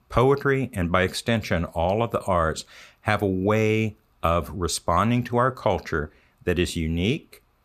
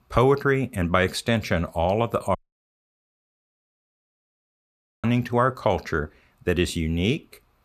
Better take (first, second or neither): first